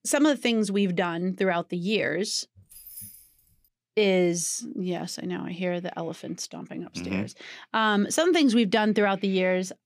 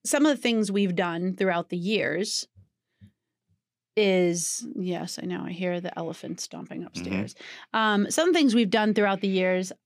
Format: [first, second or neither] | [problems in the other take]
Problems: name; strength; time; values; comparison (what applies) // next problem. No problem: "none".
second | jangling keys; faint; at 2.5 s; peak 15 dB below the speech